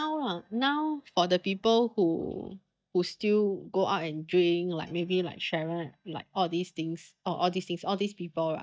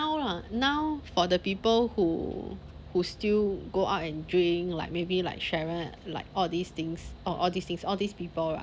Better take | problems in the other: second | noise reduction (neural mask model DeepFilterNet 3)

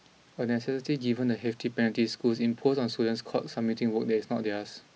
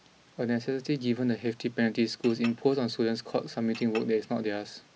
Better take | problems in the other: first | background sound (Chink, clink); 18 dB below the speech

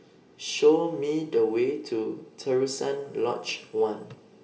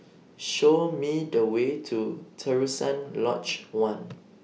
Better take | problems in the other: second | room echo; dies away in 2.3 s

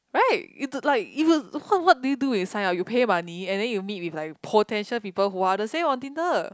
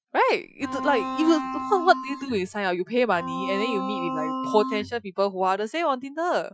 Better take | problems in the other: first | noise reduction (classical method Wiener filter)

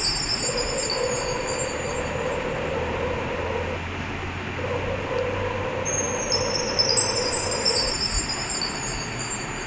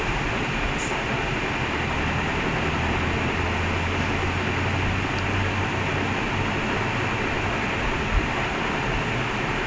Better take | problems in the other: second | background sound (Subway, metro, underground + Chime); 3 dB above the speech

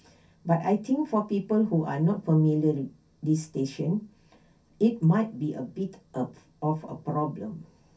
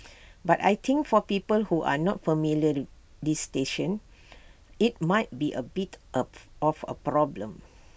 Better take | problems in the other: second | room echo; dies away in 0.3 s

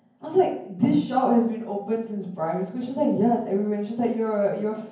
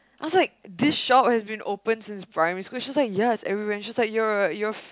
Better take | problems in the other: second | room echo; dies away in 0.9 s

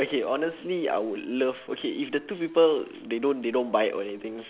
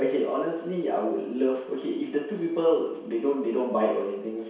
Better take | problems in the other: first | room echo; dies away in 0.7 s

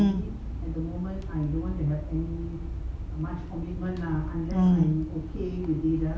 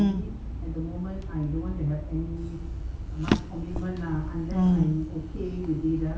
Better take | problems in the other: first | background sound (Drawer open or close); 7 dB below the speech

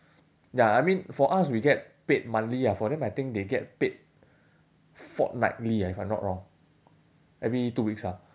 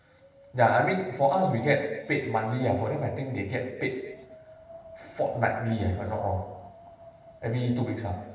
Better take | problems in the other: first | background sound (Wind); 20 dB below the speech // room echo; dies away in 1 s

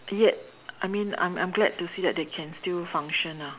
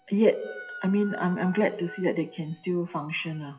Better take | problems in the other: first | noise reduction (classical method WPE with log-MMSE)

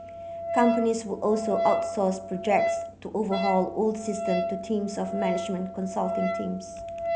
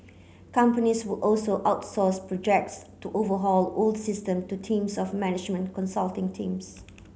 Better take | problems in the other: second | background sound (Wind instrument, woodwind instrument); 3 dB below the speech

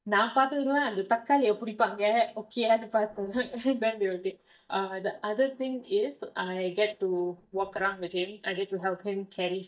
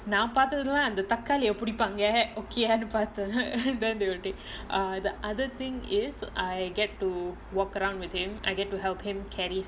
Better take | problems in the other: second | noise reduction (neural mask model DeepFilterNet 3)

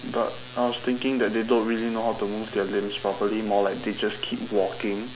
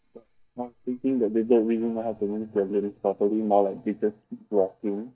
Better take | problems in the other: first | noise reduction (neural mask model DeepFilterNet 3)

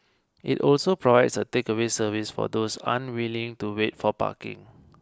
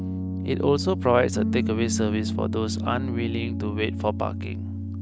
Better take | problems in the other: first | background sound (Piano); 1 dB below the speech

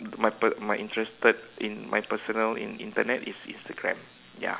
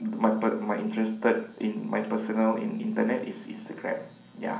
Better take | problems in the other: first | room echo; dies away in 0.6 s

